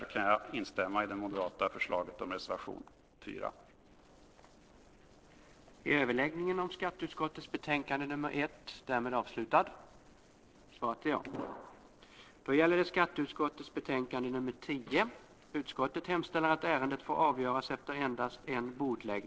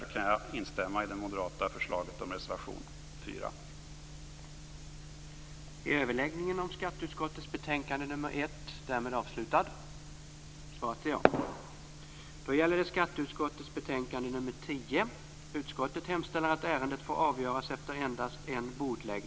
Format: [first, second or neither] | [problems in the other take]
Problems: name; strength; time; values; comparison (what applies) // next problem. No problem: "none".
second | noise reduction (neural separator model SepFormer DNS4)